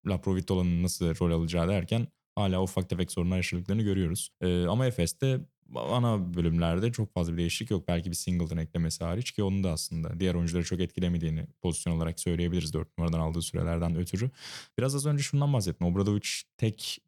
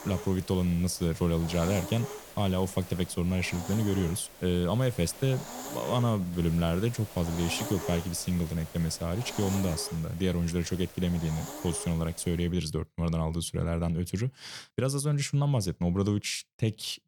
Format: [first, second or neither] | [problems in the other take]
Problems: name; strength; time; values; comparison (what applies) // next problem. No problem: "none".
first | hiss; noticeable; until 12 s; 10 dB below the speech